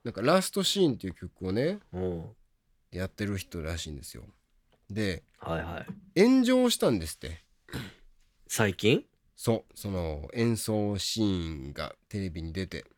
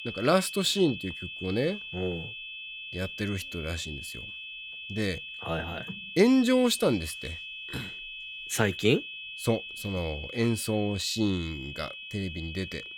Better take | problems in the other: first | high-pitched whine; loud; throughout; 2.5 kHz, 9 dB below the speech

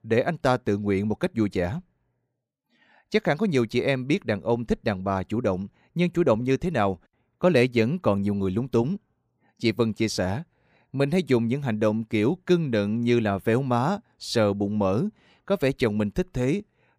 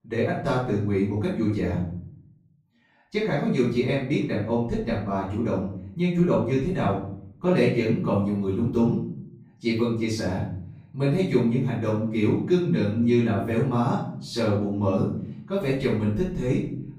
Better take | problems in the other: first | off-mic speech; far // room echo; noticeable; dies away in 0.7 s

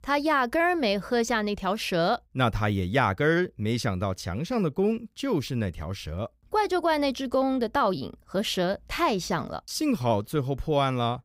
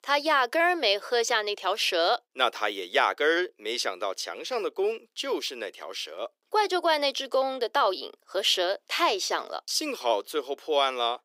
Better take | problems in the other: first | thin; very; fading below 350 Hz

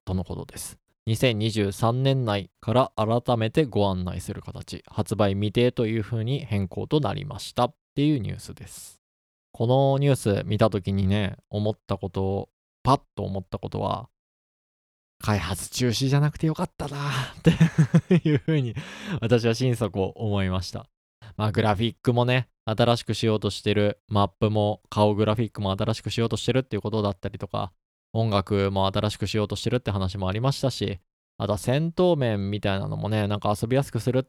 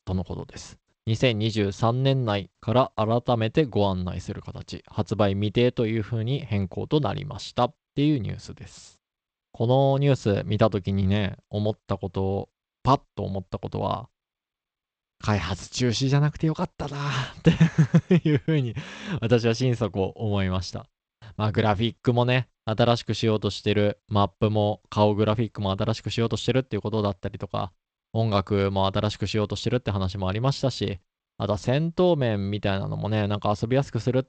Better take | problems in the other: first | garbled, watery; slightly; nothing above 8 kHz

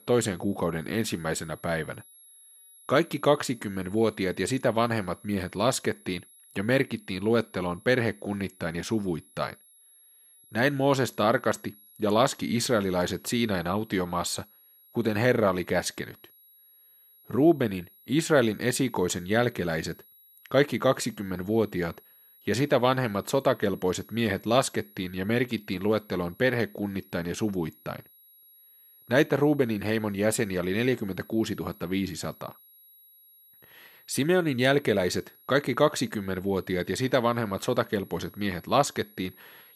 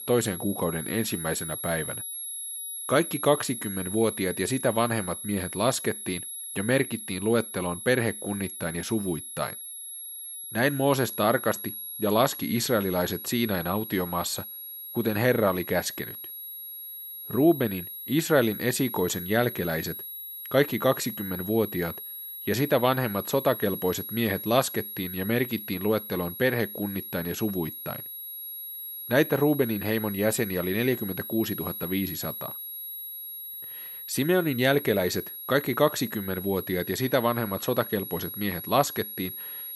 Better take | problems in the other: first | high-pitched whine; loud; throughout; 11.5 kHz, 8 dB below the speech; faint in the first

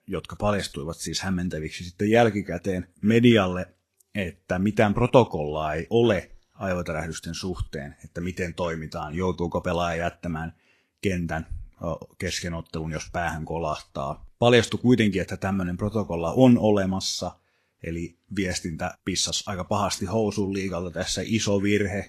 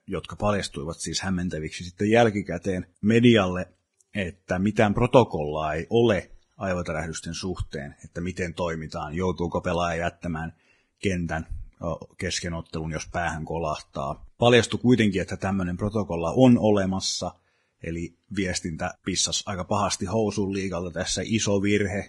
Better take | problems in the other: first | garbled, watery; badly; slightly in the first

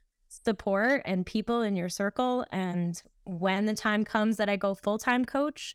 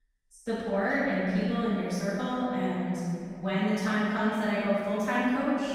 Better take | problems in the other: first | room echo; strong; dies away in 2.5 s // off-mic speech; far

